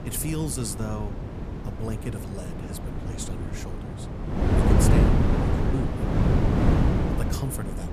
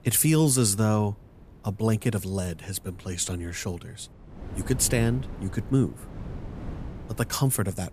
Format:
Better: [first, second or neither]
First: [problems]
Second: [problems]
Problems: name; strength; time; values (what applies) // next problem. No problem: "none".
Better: second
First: wind noise on the microphone; heavy; 5 dB above the speech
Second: wind noise on the microphone; occasional gusts; 20 dB below the speech